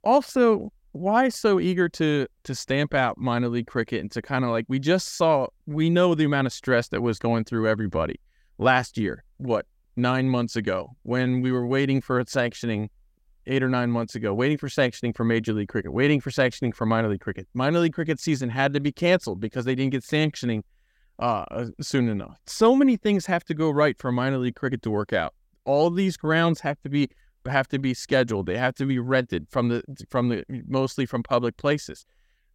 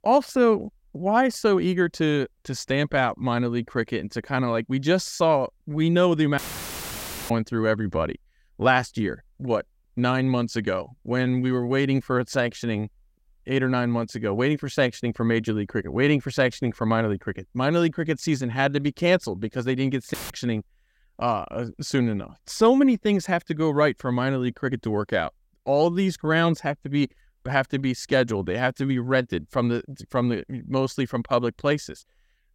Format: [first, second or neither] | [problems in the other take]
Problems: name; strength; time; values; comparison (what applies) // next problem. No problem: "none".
first | audio cutting out; filled with static; at 6.5 s for 1 s and at 20 s